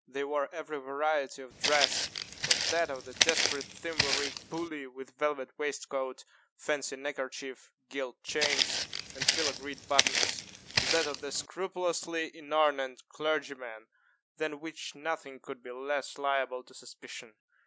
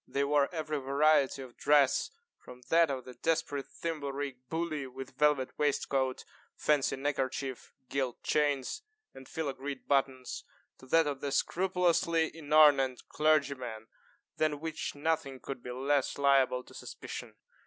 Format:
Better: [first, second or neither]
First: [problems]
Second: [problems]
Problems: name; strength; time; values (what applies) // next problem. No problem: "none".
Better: second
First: background sound (Walk, footsteps); 3 dB above the speech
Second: none